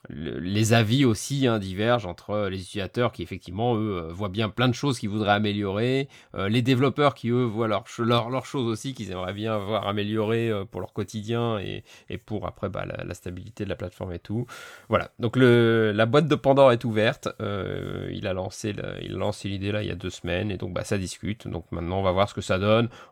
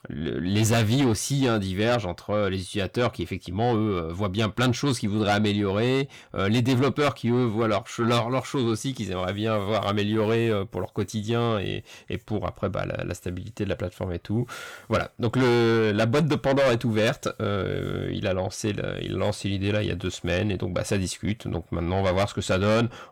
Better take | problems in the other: first | distortion; heavy; 8 dB below the speech

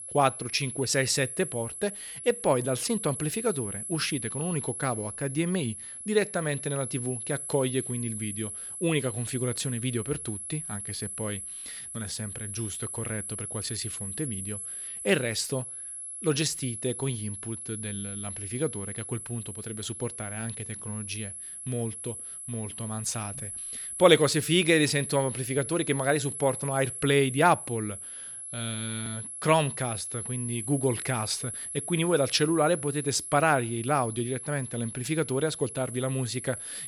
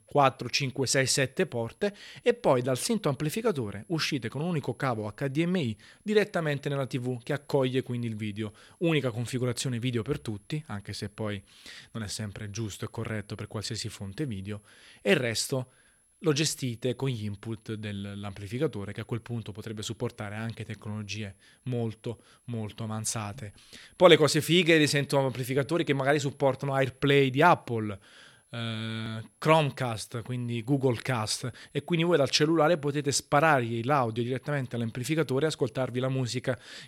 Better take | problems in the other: second | high-pitched whine; loud; throughout; 11 kHz, 6 dB below the speech; faint in the second

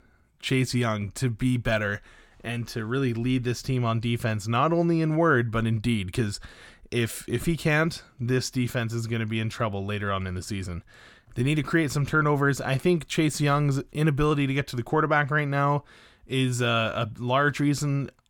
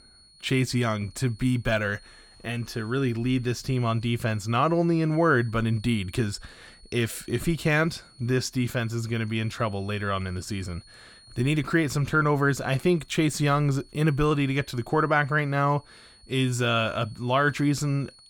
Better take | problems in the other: first | high-pitched whine; faint; throughout; 4.5 kHz, 25 dB below the speech

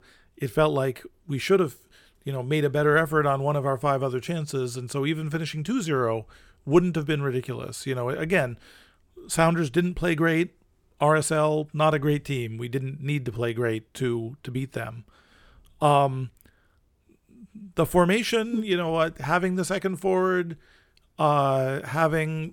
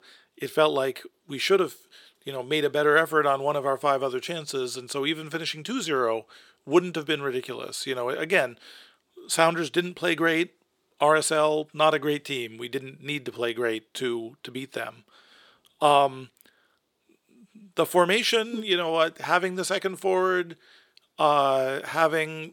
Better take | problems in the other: first | thin; somewhat; fading below 350 Hz

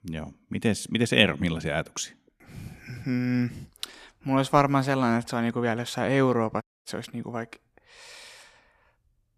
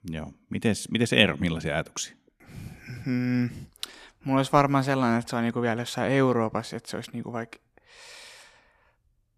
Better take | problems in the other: second | audio cutting out; at 6.5 s

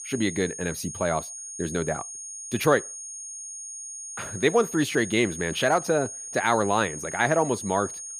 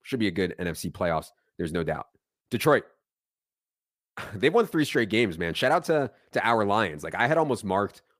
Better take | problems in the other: second | high-pitched whine; loud; throughout; 6.5 kHz, 9 dB below the speech

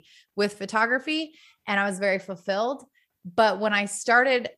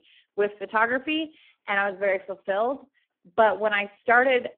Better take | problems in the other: first | phone-call audio; poor line

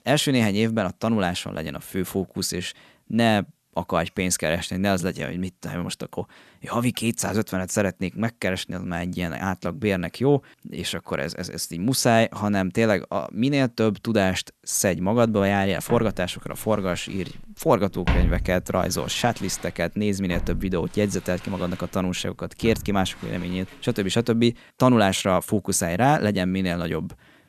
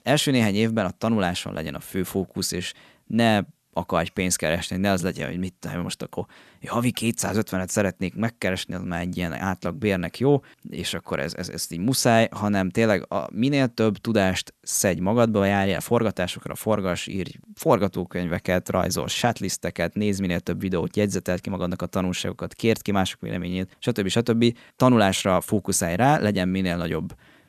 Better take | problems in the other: second | footsteps; loud; from 16 to 23 s; peak 1 dB above the speech

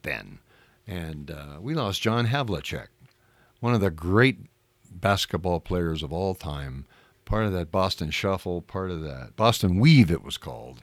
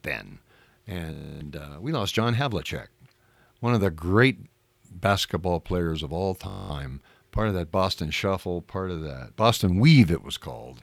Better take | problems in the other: first | audio freezing; at 1 s and at 6.5 s

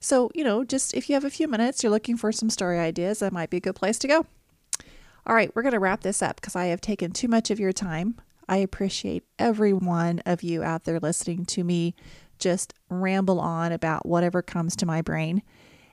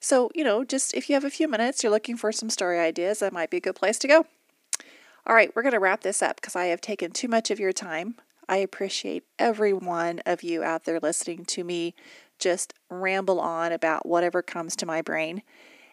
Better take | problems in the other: first | thin; somewhat; fading below 300 Hz

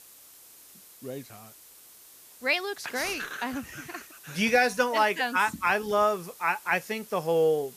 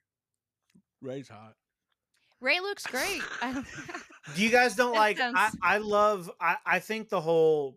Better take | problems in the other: second | hiss; faint; throughout; 20 dB below the speech

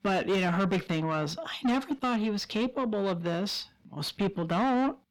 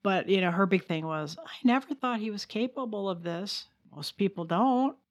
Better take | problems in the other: second | distortion; heavy; 6 dB below the speech

